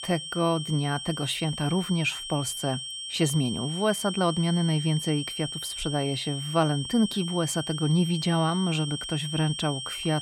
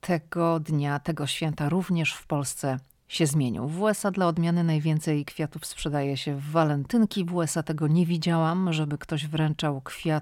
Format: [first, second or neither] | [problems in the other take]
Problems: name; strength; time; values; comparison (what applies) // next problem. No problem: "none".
second | high-pitched whine; loud; throughout; 3 kHz, 6 dB below the speech